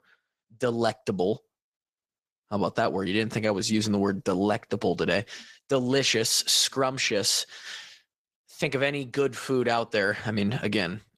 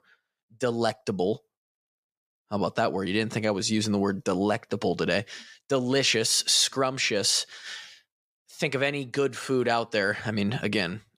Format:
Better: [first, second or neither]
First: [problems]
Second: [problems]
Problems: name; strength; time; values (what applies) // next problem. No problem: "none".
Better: second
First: garbled, watery; slightly; nothing above 12 kHz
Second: none